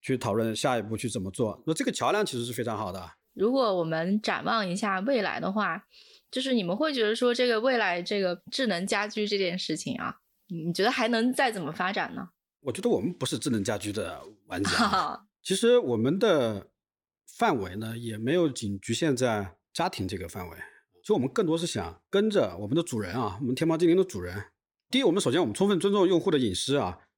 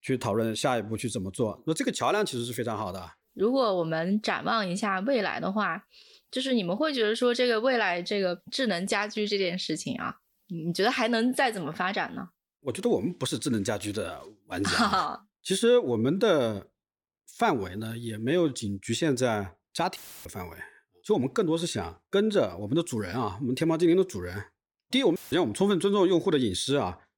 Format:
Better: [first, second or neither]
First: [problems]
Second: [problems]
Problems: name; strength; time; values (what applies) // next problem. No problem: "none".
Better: first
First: none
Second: audio cutting out; filled with static; at 20 s and at 25 s